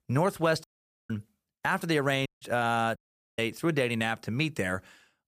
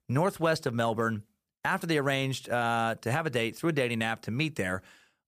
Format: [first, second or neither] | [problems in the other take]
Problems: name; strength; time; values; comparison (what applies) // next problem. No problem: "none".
second | audio cutting out; at 0.5 s, at 2.5 s and at 3 s